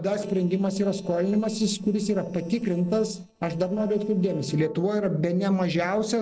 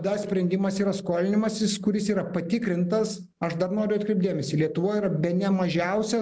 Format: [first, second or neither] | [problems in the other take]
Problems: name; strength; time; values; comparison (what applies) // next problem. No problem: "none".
second | noise reduction (neural separator model SepFormer DNS4)